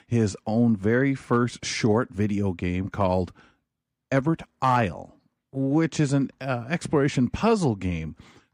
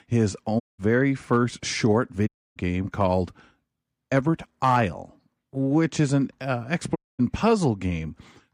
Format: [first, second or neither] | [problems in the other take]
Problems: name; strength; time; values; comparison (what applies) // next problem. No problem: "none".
first | audio cutting out; at 0.5 s, at 2.5 s and at 7 s